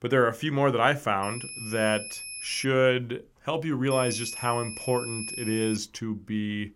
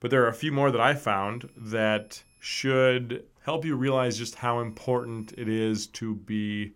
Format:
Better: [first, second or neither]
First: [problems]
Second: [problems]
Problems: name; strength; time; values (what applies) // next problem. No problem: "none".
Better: second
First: high-pitched whine; loud; from 1 to 2.5 s and from 4 to 6 s; 2.5 kHz, 8 dB below the speech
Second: high-pitched whine; faint; from 1 to 2.5 s and from 4 to 6 s; 2.5 kHz, 35 dB below the speech